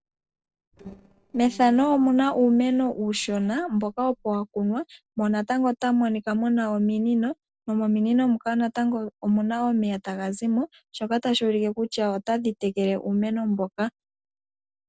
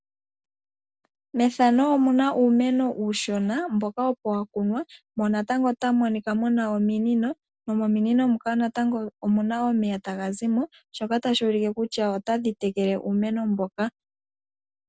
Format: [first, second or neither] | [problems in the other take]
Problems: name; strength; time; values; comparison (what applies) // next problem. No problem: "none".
second | noise reduction (neural separator model SepFormer DNS4)